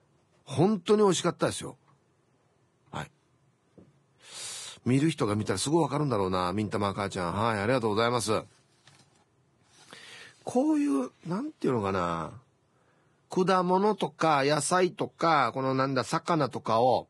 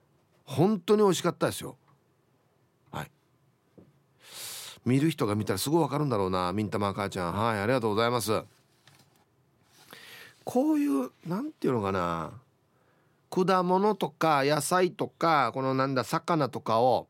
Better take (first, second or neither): second